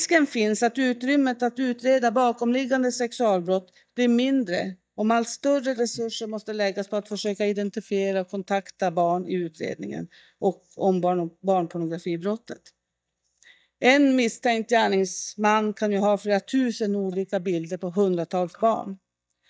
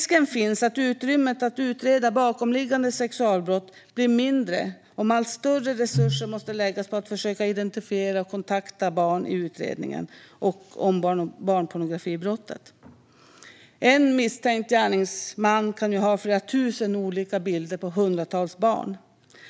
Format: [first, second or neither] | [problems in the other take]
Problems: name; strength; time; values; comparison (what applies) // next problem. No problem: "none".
second | noise reduction (neural mask model DeepFilterNet 3)